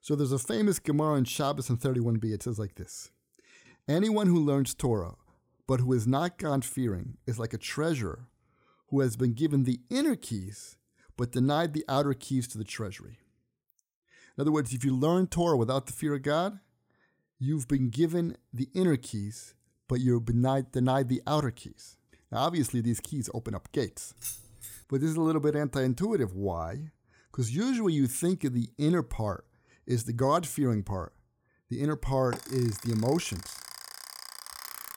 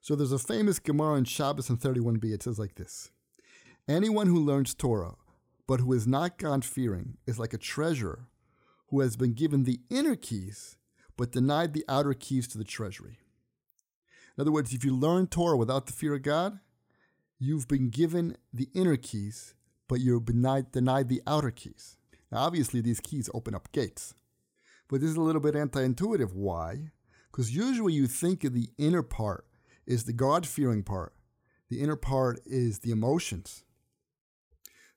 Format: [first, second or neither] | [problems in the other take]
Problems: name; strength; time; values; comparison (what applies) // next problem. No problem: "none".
second | jangling keys; noticeable; at 24 s; peak 8 dB below the speech // alarm; faint; from 32 s on; peak 10 dB below the speech